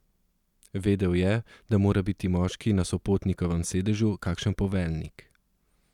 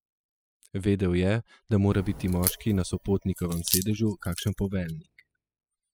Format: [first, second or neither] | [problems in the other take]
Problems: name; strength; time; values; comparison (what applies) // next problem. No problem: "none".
first | noise reduction (classical method spectral subtraction)